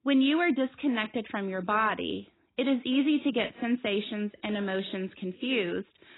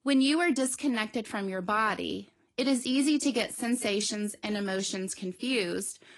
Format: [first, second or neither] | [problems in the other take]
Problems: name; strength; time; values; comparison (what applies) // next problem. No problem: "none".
second | garbled, watery; badly; nothing above 4 kHz; slightly in the second